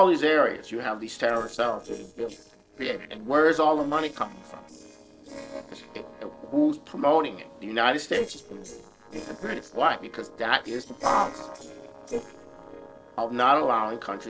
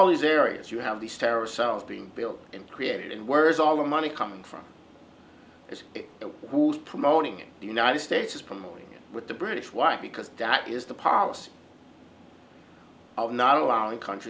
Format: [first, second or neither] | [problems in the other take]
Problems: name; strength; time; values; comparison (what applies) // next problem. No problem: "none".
second | noise reduction (neural separator model SepFormer DNS4)